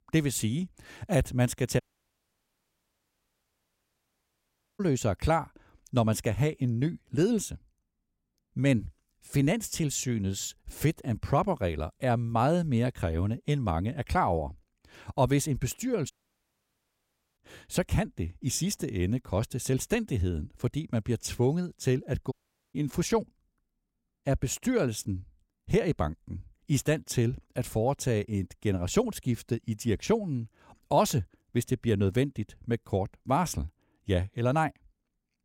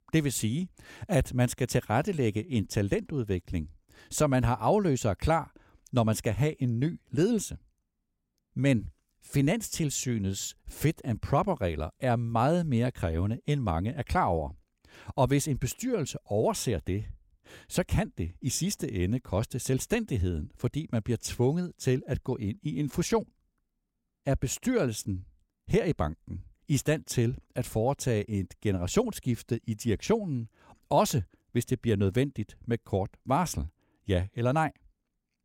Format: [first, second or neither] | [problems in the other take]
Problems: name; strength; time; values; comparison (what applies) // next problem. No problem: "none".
second | audio cutting out; at 2 s for 3 s, at 16 s for 1.5 s and at 22 s